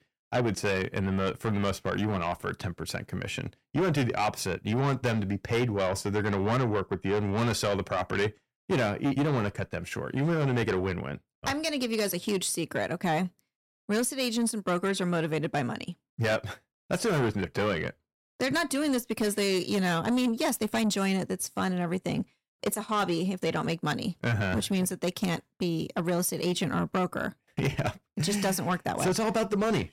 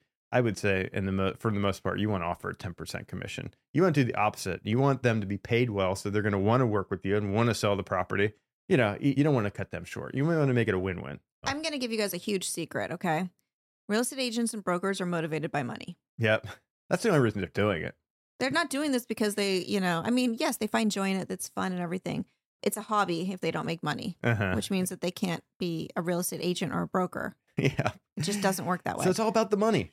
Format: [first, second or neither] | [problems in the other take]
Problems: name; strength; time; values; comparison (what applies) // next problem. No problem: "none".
second | distortion; heavy; 8 dB below the speech